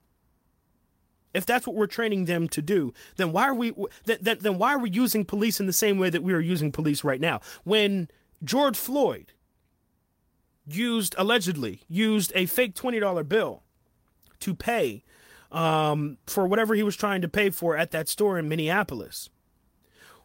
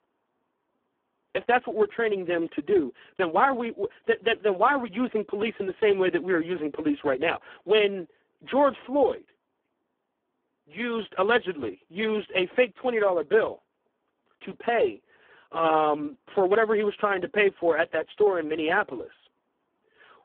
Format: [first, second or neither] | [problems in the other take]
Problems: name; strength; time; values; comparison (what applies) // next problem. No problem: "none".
first | phone-call audio; poor line; nothing above 3.5 kHz